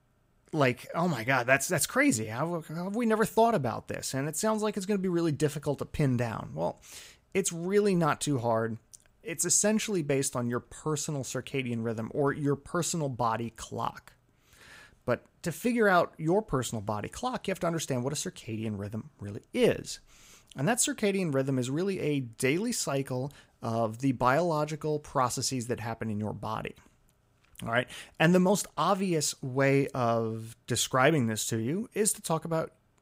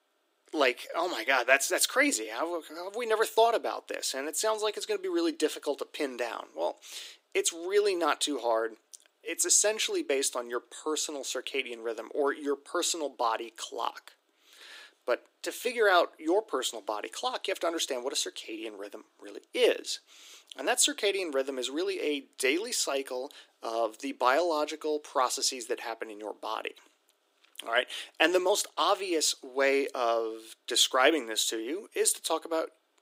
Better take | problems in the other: first | thin; somewhat; fading below 300 Hz

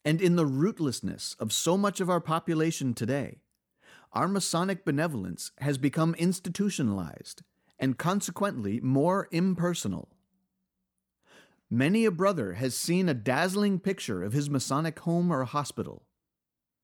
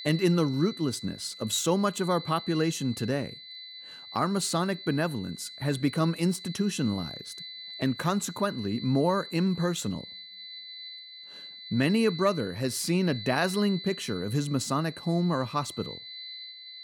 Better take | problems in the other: first | high-pitched whine; noticeable; throughout; 4 kHz, 15 dB below the speech

